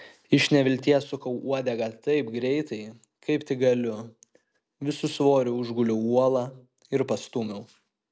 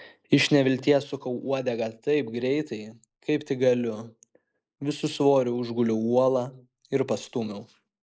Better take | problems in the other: first | noise reduction (neural mask model Resemble Enhance denoiser)

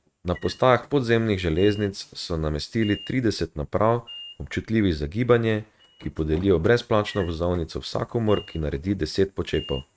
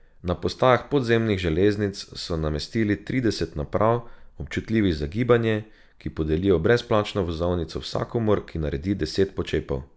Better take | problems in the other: second | noise reduction (neural mask model RNNoise)

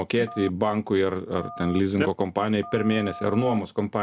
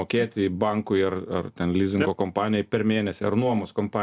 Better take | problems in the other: second | background sound (Telephone); 17 dB below the speech

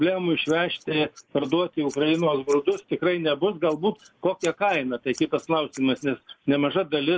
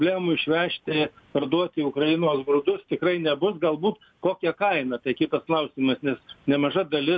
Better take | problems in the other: second | noise reduction (neural mask model Resemble Enhance denoiser)

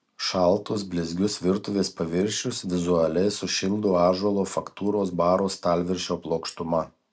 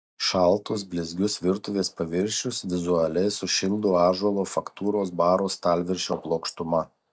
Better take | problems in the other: first | noise reduction (neural mask model DeepFilterNet 3)

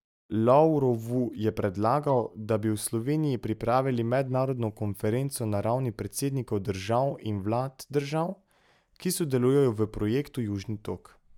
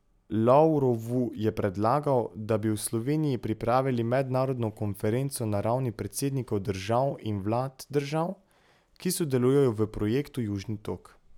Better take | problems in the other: second | noise reduction (neural mask model DeepFilterNet 3)

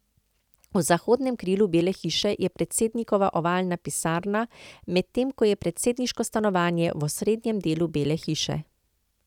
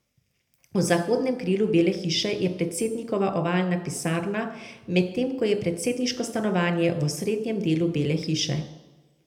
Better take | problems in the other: first | room echo; dies away in 0.7 s

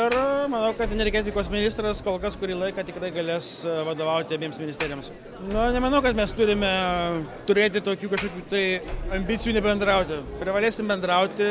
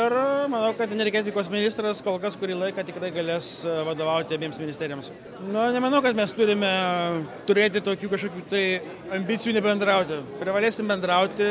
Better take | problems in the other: second | background sound (Sliding door); 12 dB below the speech

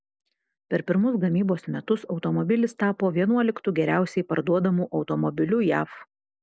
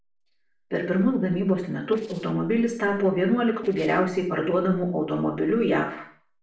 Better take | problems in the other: first | noise reduction (neural separator model SepFormer DNS4)

